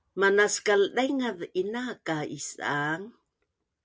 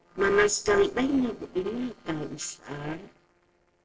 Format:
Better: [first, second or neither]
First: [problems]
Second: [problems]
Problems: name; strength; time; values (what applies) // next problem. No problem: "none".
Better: first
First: none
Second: noise reduction (neural separator model SepFormer DNS4)